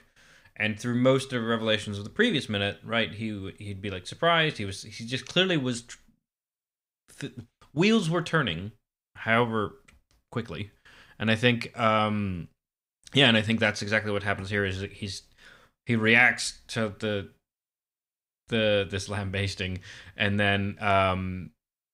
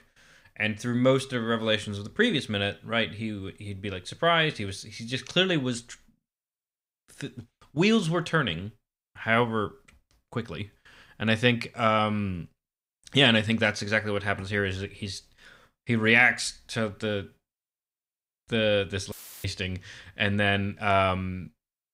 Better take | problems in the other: first | audio cutting out; filled with static; at 19 s

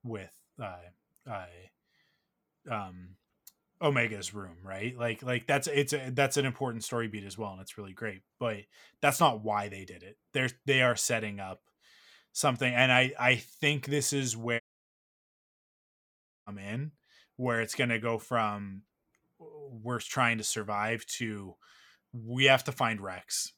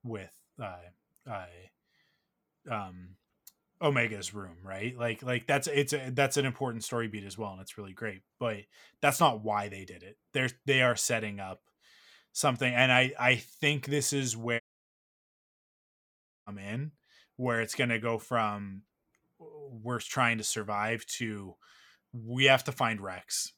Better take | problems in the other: neither | audio cutting out; at 15 s for 2 s; the same in both

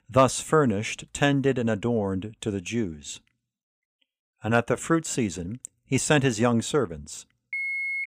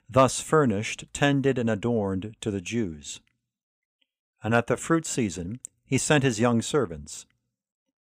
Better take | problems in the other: second | phone ringing; noticeable; at 7.5 s; peak 2 dB below the speech

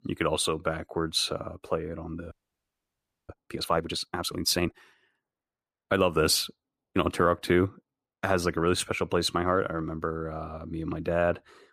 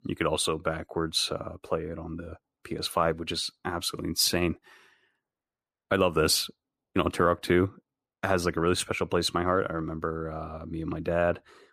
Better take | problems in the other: second | audio freezing; at 2.5 s for 1 s

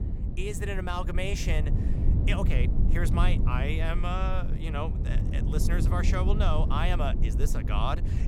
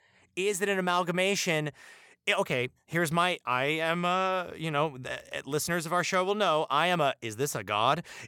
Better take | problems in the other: second | low rumble; loud; throughout; 8 dB below the speech

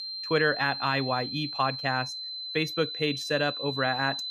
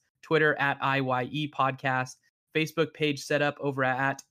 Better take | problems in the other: second | high-pitched whine; loud; throughout; 4 kHz, 5 dB below the speech

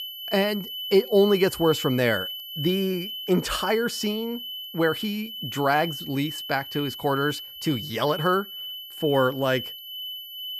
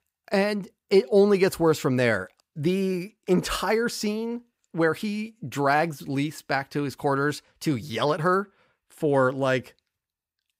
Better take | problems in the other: second | high-pitched whine; loud; throughout; 3 kHz, 8 dB below the speech

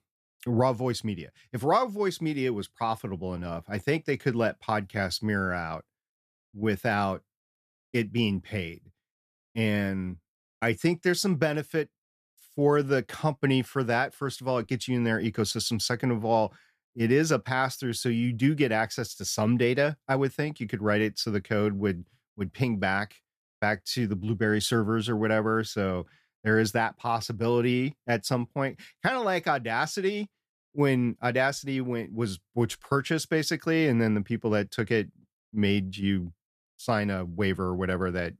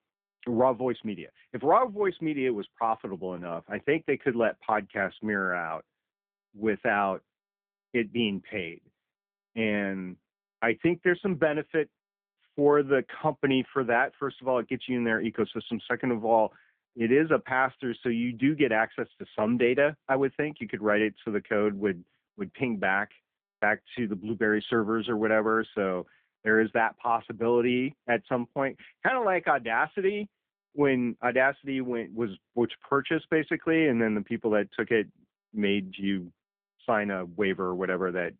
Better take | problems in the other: first | phone-call audio; nothing above 3.5 kHz

